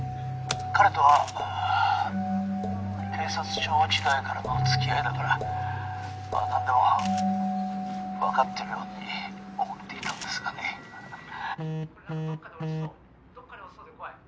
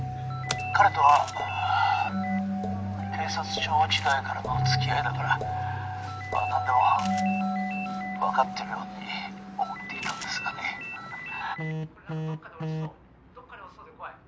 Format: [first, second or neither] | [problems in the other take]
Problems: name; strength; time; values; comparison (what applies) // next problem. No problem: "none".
first | background sound (Ringtone); 12 dB below the speech